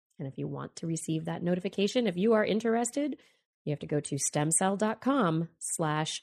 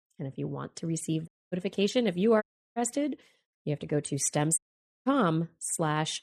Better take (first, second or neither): first